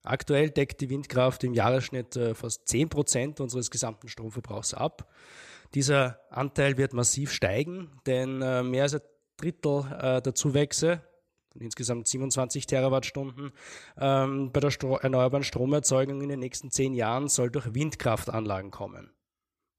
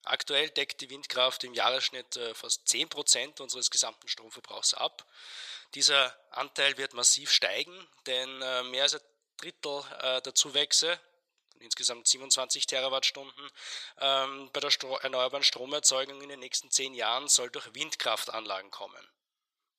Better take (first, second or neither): first